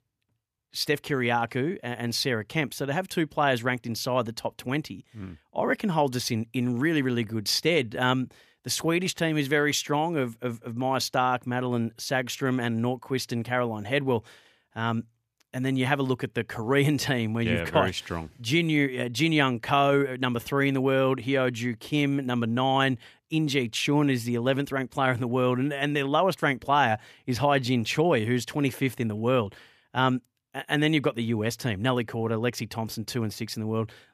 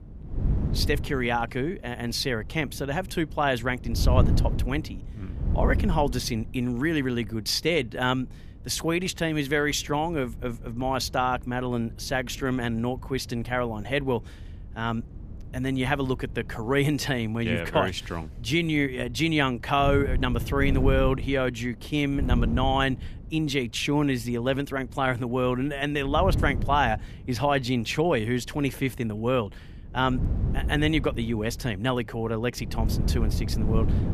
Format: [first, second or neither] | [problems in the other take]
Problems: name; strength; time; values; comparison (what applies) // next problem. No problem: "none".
first | wind noise on the microphone; occasional gusts; 15 dB below the speech